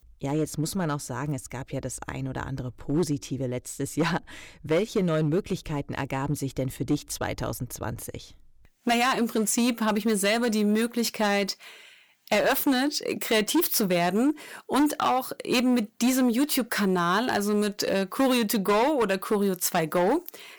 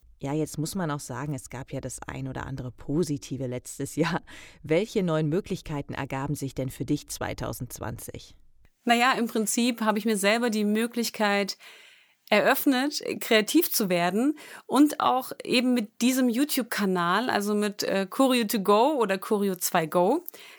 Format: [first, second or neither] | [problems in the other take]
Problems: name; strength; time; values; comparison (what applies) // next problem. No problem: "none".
second | distortion; slight; 6% of the sound clipped